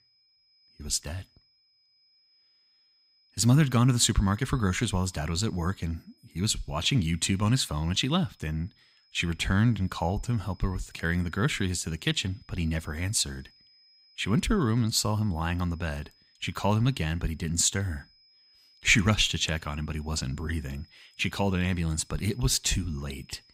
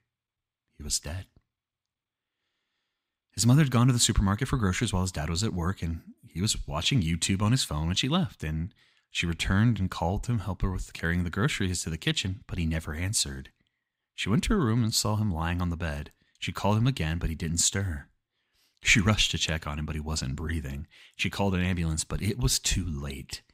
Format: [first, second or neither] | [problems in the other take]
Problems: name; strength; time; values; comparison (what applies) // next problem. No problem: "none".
second | high-pitched whine; faint; throughout; 5 kHz, 30 dB below the speech